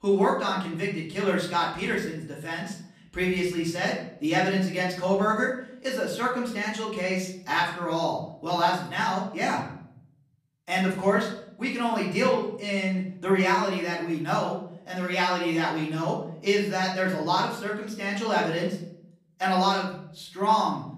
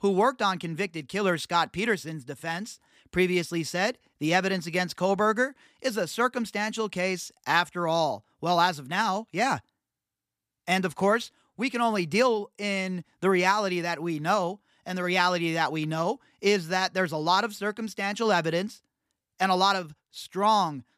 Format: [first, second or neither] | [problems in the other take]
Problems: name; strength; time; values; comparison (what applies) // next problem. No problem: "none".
second | room echo; slight; dies away in 0.7 s // off-mic speech; far